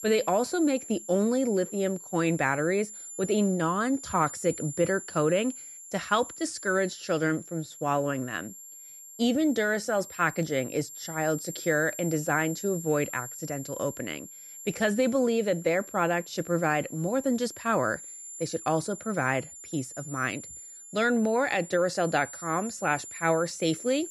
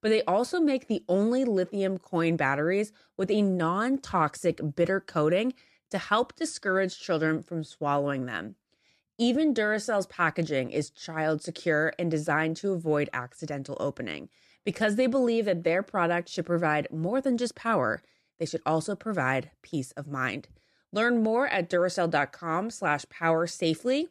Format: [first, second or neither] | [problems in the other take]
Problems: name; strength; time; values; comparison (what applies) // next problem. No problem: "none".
second | high-pitched whine; noticeable; throughout; 7.5 kHz, 10 dB below the speech